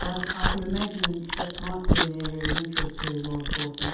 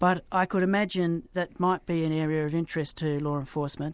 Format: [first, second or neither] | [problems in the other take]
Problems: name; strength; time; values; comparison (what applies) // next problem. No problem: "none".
second | background sound (Chewing, mastication); 4 dB above the speech // room echo; dies away in 0.8 s